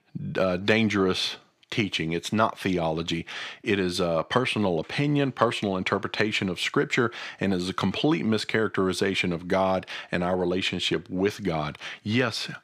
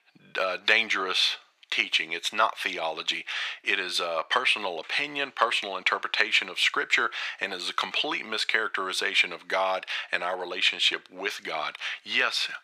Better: first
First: none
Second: thin; very; fading below 750 Hz

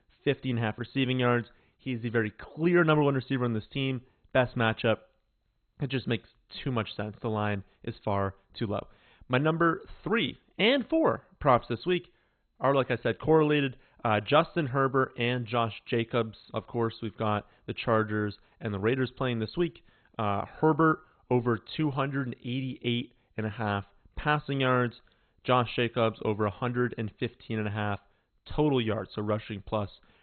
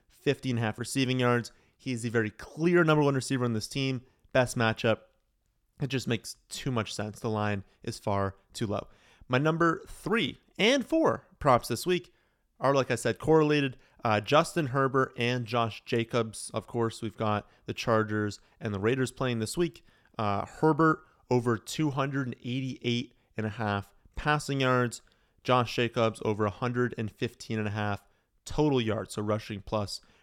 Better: second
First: garbled, watery; badly; nothing above 4 kHz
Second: none

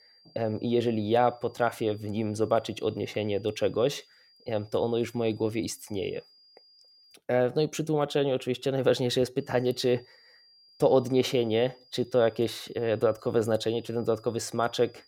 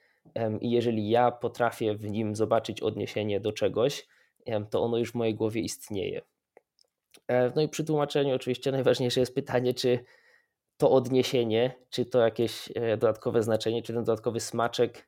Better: second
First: high-pitched whine; faint; until 7 s and from 9.5 s on; 5 kHz, 30 dB below the speech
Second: none

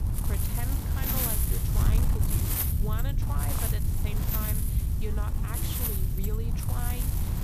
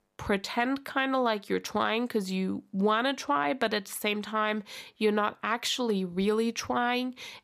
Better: second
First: wind noise on the microphone; heavy; 4 dB above the speech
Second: none

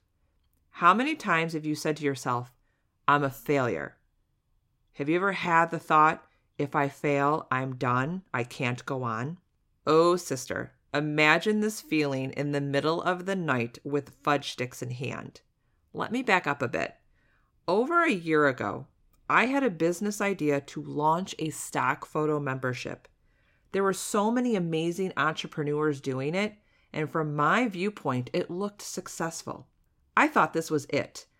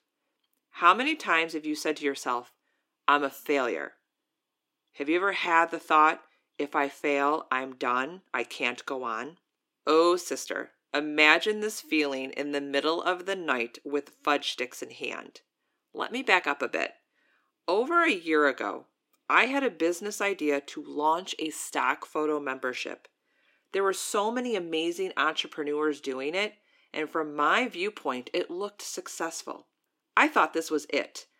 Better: first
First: none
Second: thin; very slightly; fading below 300 Hz

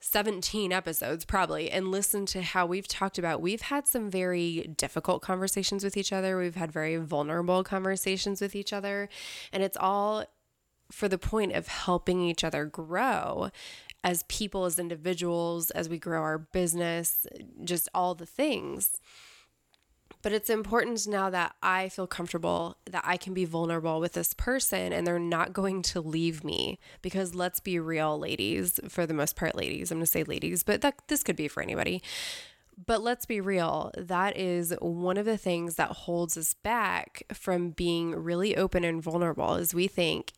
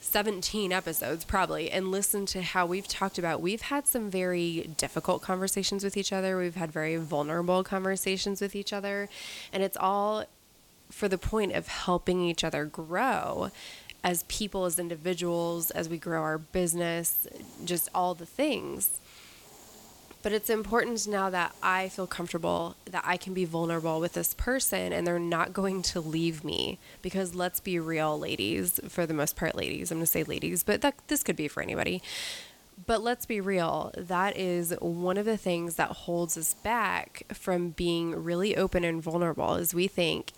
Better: first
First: none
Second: hiss; faint; throughout; 25 dB below the speech

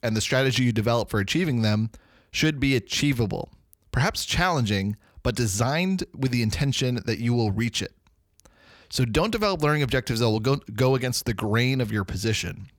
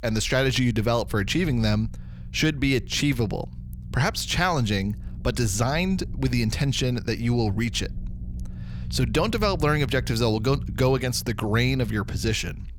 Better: first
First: none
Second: low rumble; faint; throughout; 25 dB below the speech

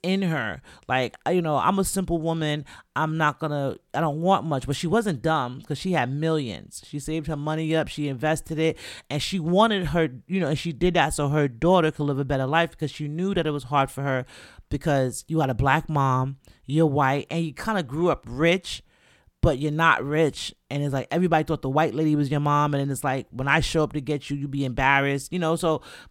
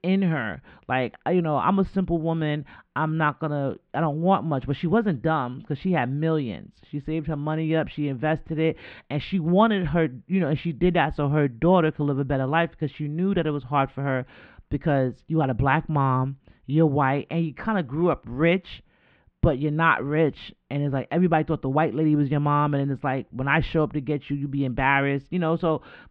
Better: first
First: none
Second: muffled; very; fading above 3 kHz

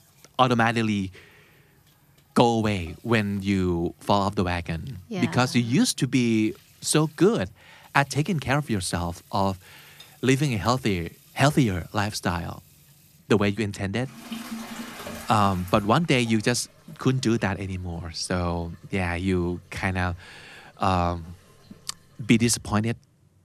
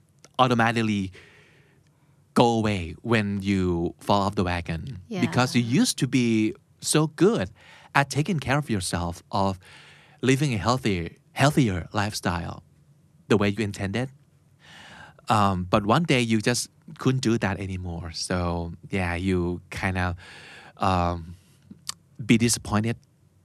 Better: second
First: household noises; faint; throughout; 20 dB below the speech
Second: none

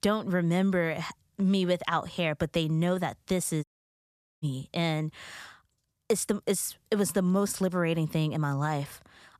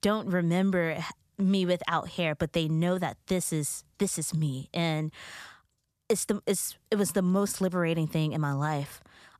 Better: second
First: audio cutting out; at 3.5 s for 1 s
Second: none

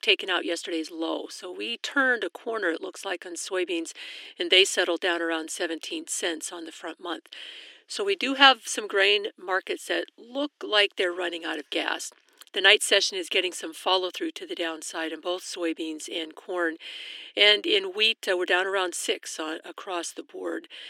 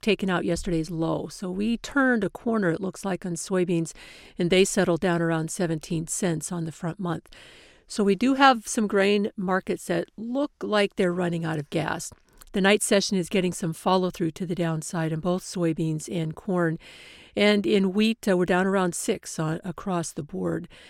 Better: second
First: thin; very; fading below 300 Hz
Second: none

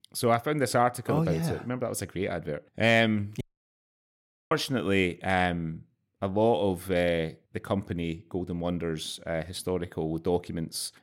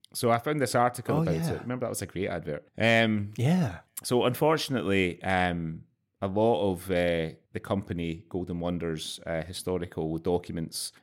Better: second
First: audio cutting out; at 3.5 s for 1 s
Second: none

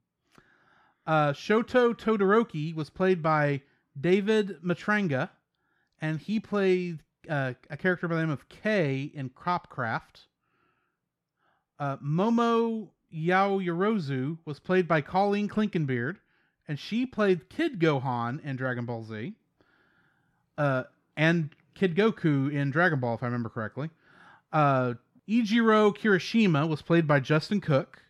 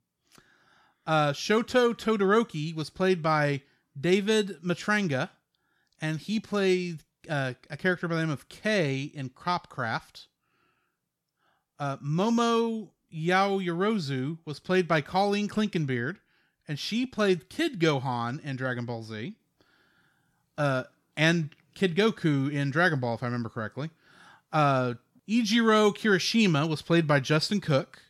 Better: second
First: muffled; slightly; fading above 3.5 kHz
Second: none

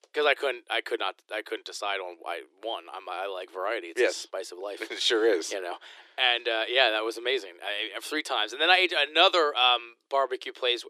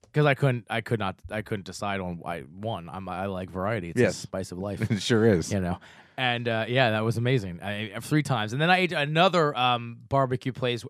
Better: second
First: thin; very; fading below 350 Hz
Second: none

